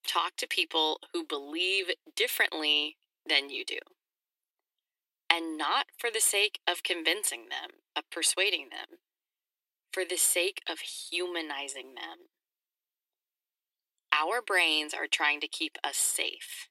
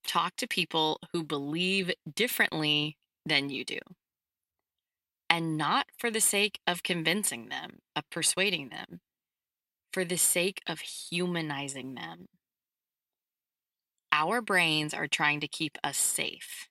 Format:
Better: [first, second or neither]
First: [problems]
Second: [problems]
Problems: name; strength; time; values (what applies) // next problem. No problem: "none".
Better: second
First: thin; very; fading below 350 Hz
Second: none